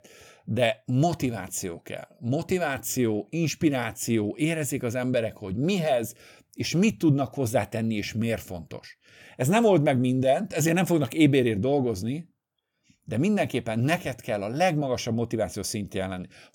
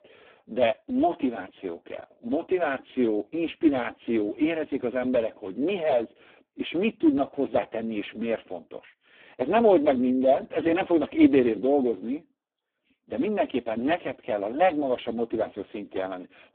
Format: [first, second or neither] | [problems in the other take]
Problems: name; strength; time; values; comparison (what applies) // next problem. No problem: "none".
first | phone-call audio; poor line